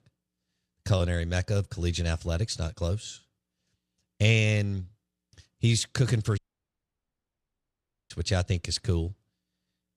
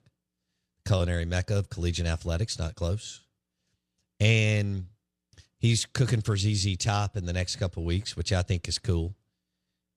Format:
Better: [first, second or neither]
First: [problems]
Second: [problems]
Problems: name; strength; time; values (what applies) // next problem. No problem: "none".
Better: second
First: audio cutting out; at 6.5 s for 1.5 s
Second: none